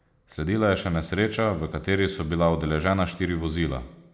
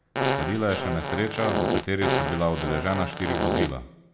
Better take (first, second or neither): first